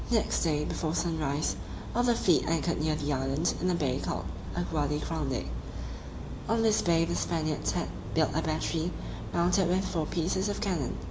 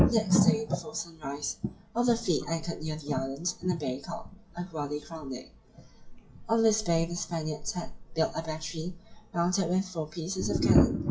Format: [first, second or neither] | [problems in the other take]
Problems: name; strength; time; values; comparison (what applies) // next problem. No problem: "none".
first | noise reduction (classical method WPE with log-MMSE)